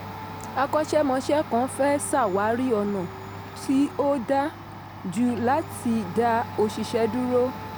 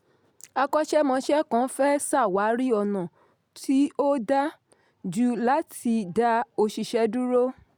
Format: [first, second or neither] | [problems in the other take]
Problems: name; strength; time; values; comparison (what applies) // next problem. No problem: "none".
second | background sound (Domestic sounds, home sounds); 12 dB below the speech